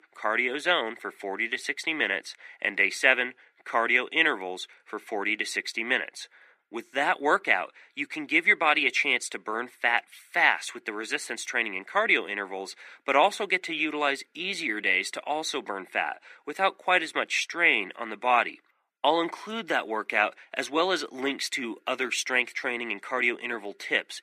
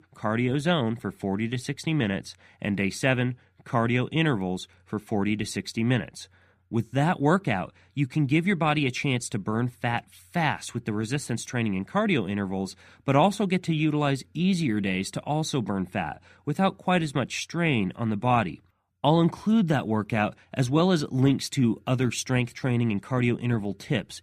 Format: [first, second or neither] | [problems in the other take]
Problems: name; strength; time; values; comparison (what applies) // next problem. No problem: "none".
second | thin; very; fading below 350 Hz